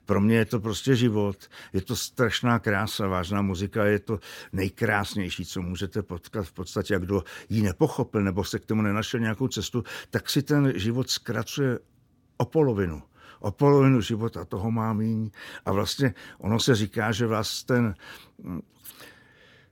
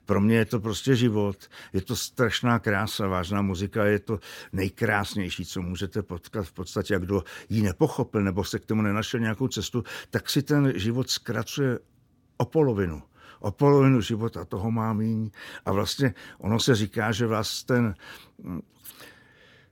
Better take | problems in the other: neither | none

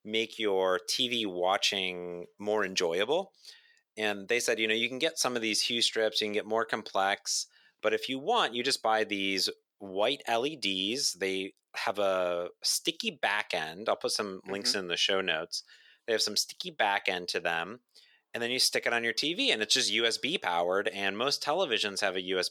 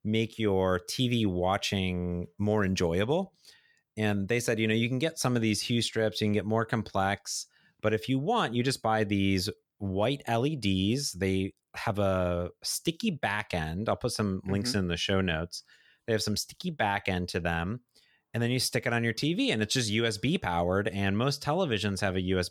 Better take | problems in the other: second | thin; somewhat; fading below 450 Hz

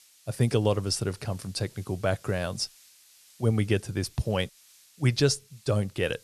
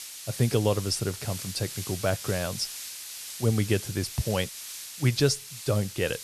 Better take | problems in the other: first | hiss; loud; throughout; 9 dB below the speech; faint in the first

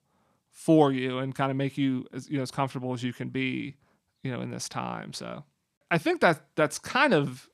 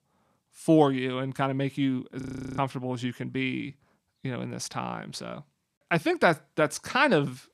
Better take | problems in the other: first | audio freezing; at 2 s

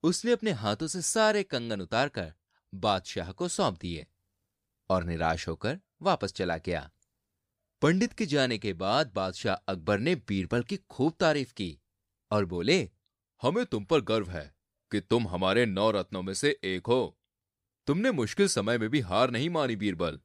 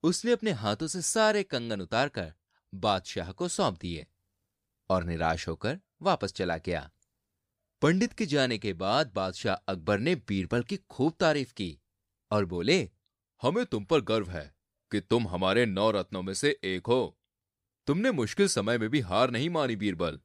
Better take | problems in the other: neither | none

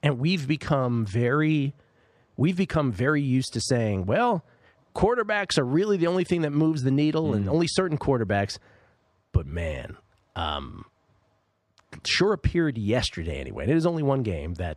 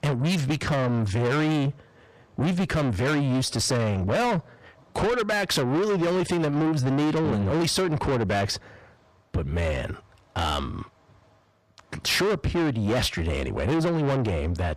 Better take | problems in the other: first | distortion; heavy; 6 dB below the speech

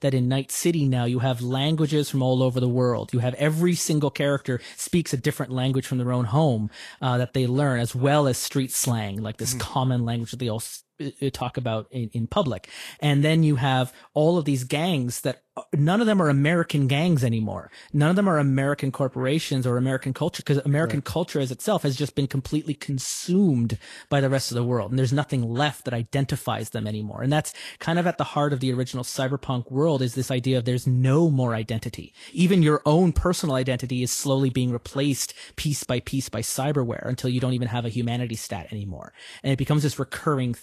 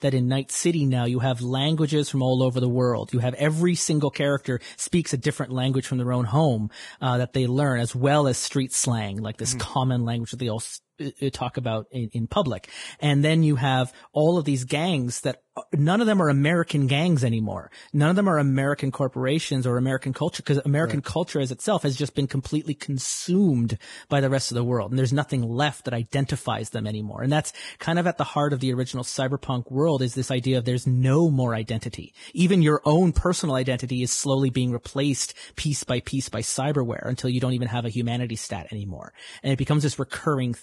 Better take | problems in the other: first | garbled, watery; badly; nothing above 10.5 kHz; slightly in the first

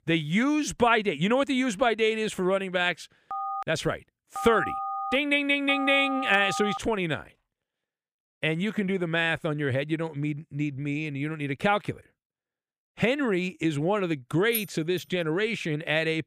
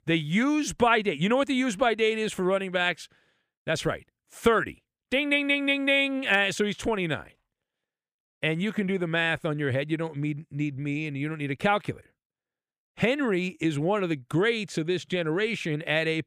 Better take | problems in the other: second | phone ringing; noticeable; from 3.5 to 7 s; peak 5 dB below the speech // jangling keys; noticeable; at 15 s; peak 7 dB below the speech

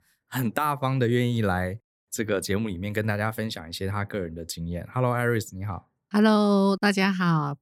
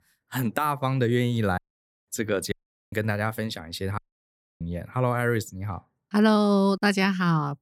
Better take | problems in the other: first | audio cutting out; at 1.5 s, at 2.5 s and at 4 s for 0.5 s

